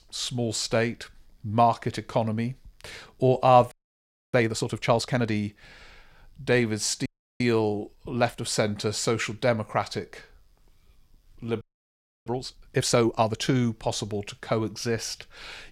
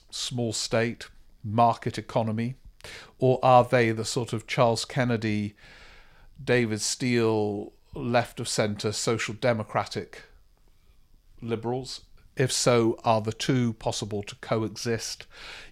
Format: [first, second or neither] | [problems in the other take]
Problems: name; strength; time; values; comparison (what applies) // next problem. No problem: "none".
second | audio freezing; at 3.5 s for 0.5 s, at 7 s and at 12 s for 0.5 s